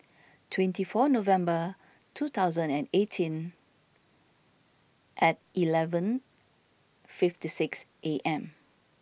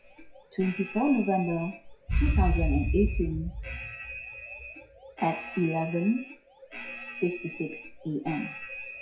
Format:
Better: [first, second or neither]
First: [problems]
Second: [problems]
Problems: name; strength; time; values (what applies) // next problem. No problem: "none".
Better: first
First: none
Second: noise reduction (classical method WPE with log-MMSE)